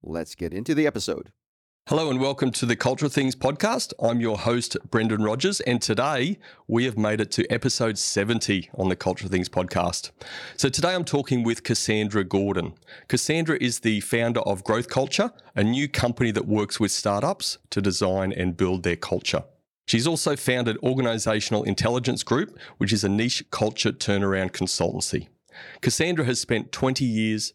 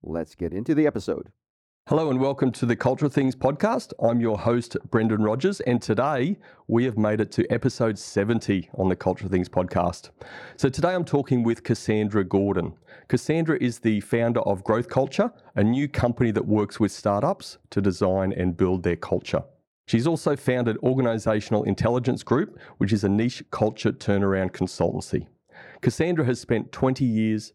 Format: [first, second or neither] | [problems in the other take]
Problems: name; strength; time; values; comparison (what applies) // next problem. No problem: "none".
first | muffled; slightly; fading above 2 kHz